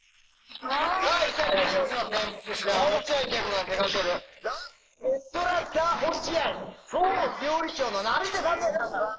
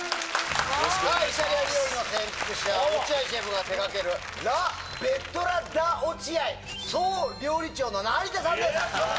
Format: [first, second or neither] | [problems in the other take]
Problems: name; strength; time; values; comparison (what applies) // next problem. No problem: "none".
second | noise reduction (neural mask model Resemble Enhance denoiser)